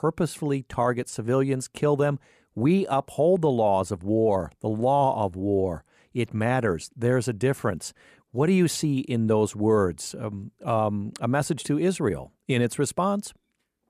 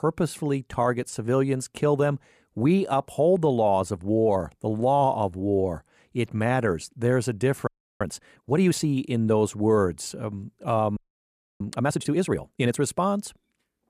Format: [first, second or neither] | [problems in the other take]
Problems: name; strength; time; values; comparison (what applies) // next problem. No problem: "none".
first | audio freezing; at 7.5 s and at 11 s for 0.5 s